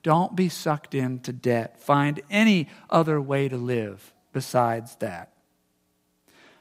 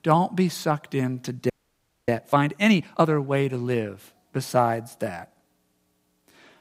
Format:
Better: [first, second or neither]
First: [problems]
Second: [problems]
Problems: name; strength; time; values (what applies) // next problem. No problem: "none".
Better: first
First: none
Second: audio freezing; at 1.5 s for 0.5 s